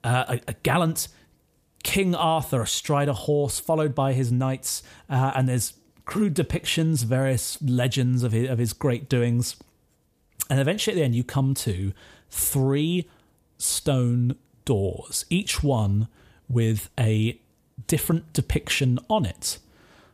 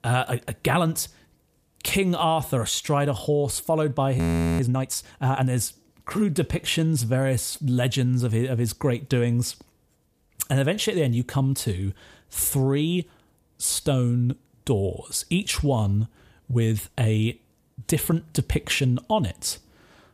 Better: first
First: none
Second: audio freezing; at 4 s

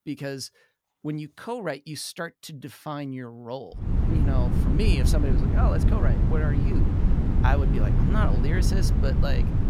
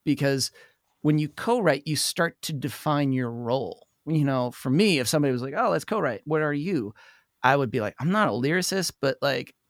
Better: second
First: wind noise on the microphone; heavy; from 4 s on; 2 dB below the speech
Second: none

